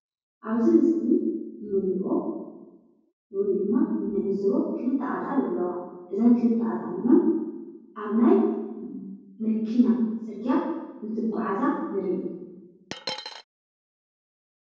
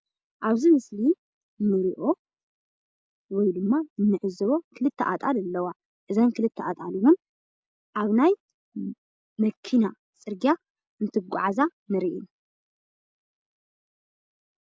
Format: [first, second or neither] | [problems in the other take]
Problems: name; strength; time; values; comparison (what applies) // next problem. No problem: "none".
second | background sound (Coin (dropping)); 10 dB below the speech // room echo; dies away in 1.3 s